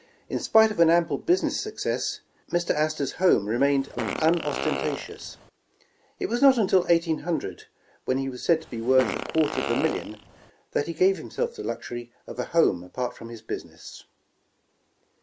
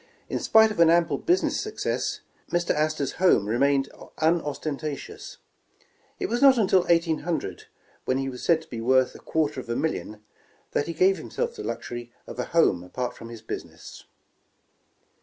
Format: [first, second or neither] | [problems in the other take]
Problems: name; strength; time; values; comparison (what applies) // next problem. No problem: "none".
second | background sound (Fart); 7 dB below the speech